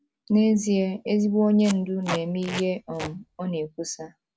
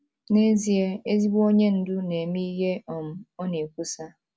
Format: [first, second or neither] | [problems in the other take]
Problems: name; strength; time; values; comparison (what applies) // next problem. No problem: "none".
second | background sound (Packing tape, duct tape); 11 dB below the speech